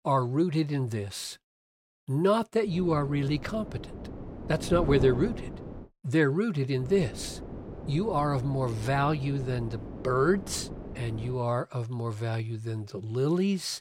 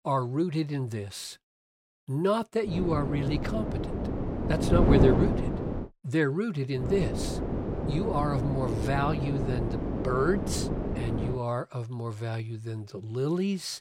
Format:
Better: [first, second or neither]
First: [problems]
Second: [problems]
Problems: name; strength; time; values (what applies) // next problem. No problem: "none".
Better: first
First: wind noise on the microphone; occasional gusts; from 2.5 to 6 s and from 7 to 11 s; 15 dB below the speech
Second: wind noise on the microphone; heavy; from 2.5 to 6 s and from 7 to 11 s; 3 dB below the speech